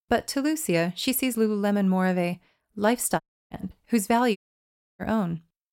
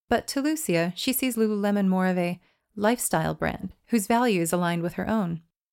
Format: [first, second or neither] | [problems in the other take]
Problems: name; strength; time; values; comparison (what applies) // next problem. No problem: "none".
second | audio cutting out; at 3 s and at 4.5 s for 0.5 s